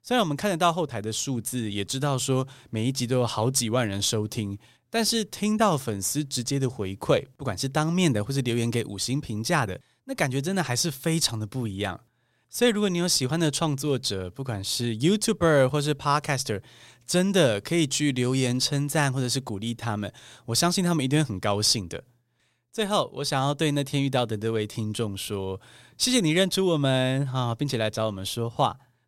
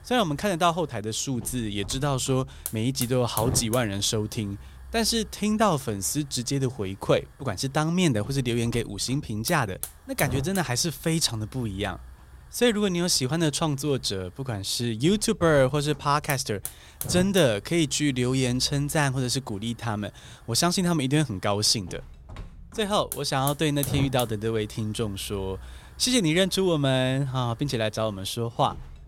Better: first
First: none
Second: hiss; noticeable; throughout; 15 dB below the speech

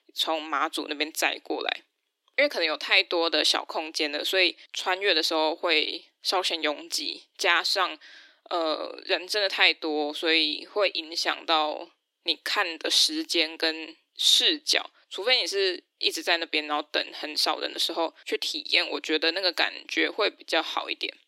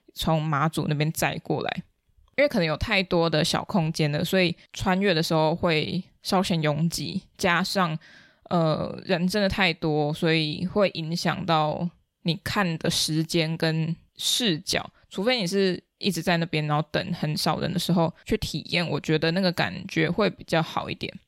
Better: second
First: thin; very; fading below 300 Hz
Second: none

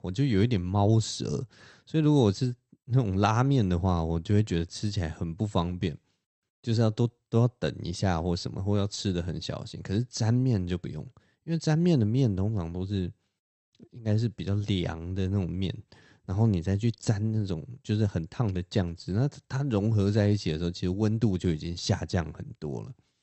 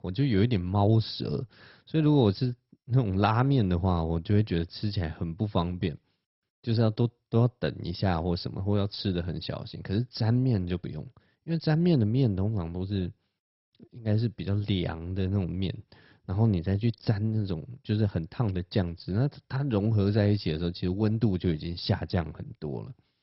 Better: first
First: garbled, watery; slightly; nothing above 8 kHz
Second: garbled, watery; badly; nothing above 5.5 kHz

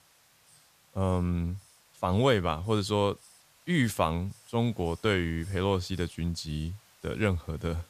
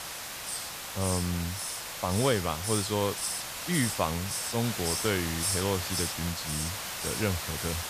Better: first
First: hiss; faint; throughout; 25 dB below the speech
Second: hiss; loud; throughout; 1 dB below the speech

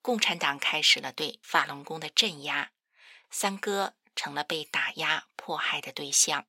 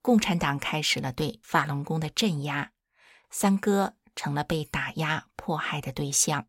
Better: second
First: thin; somewhat; fading below 350 Hz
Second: none

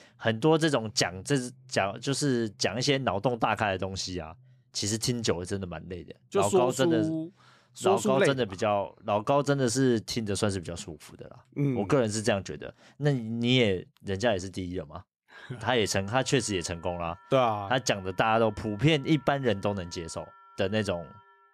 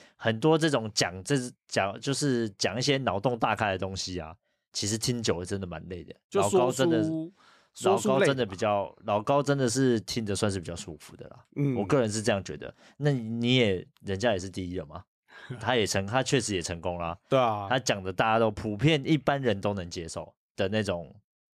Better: second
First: background music; faint; throughout; 30 dB below the speech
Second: none

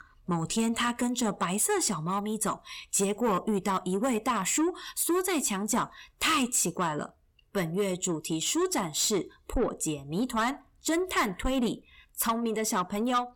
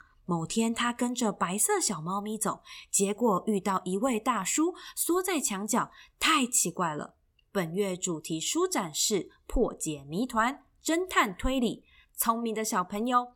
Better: second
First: distortion; slight; 10 dB below the speech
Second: none

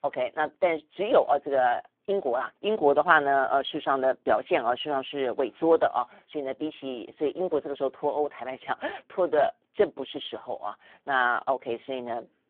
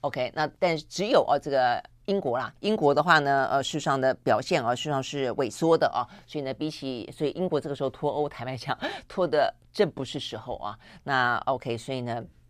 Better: second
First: phone-call audio; poor line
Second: none

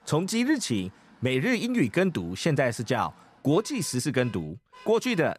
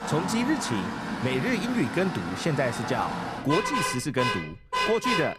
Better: first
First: traffic noise; faint; throughout; 25 dB below the speech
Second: traffic noise; loud; throughout; 2 dB below the speech

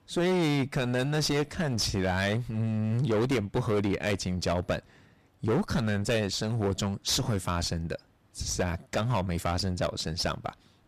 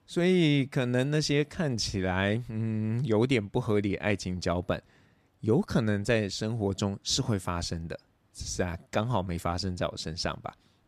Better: second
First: distortion; heavy; 15% of the sound clipped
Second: none

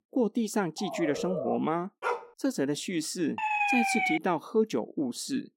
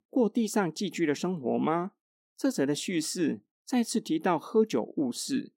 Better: second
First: siren; noticeable; at 1 s; peak 4 dB below the speech // dog barking; noticeable; at 2 s; peak 3 dB below the speech // siren; loud; at 3.5 s; peak 5 dB above the speech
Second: none

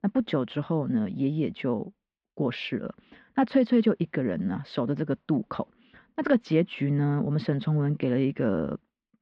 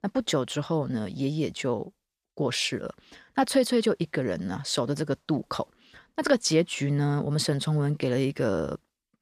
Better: second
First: muffled; very; fading above 3 kHz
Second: none

